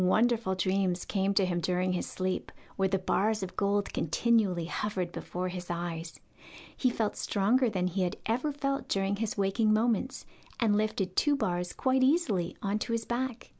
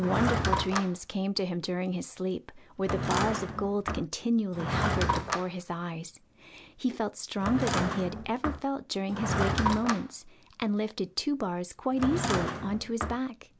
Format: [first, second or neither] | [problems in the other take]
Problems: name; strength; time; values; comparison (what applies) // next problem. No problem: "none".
first | background sound (Drawer open or close / Wood); 3 dB below the speech